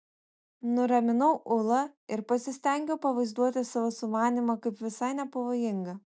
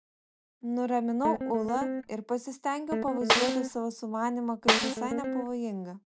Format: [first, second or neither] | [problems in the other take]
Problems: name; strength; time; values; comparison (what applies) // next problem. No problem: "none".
first | background sound (Snare drum + Guitar); 1 dB above the speech